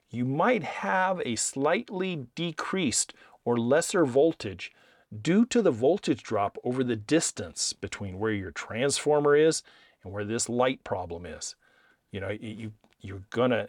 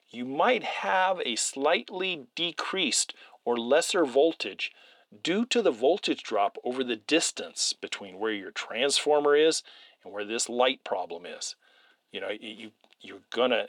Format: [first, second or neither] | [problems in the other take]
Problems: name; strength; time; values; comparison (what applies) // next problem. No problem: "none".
first | thin; very slightly; fading below 250 Hz